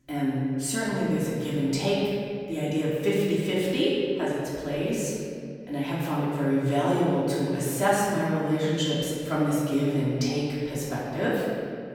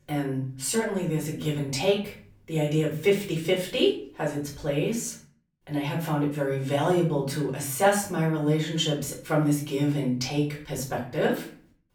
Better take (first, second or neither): second